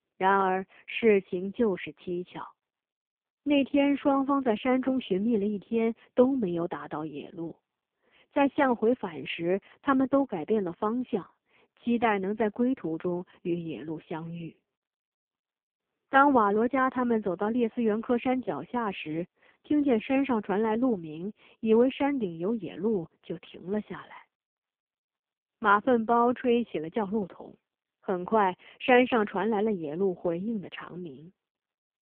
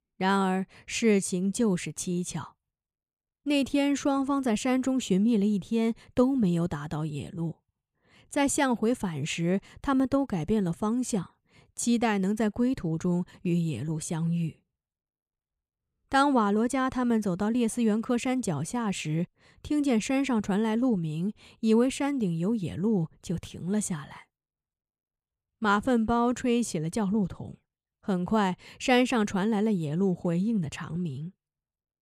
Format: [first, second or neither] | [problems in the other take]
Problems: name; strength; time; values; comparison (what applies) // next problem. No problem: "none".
second | phone-call audio; poor line